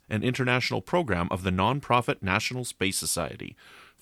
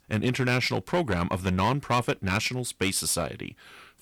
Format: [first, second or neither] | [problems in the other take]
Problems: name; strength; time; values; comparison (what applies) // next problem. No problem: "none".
first | distortion; slight; 4% of the sound clipped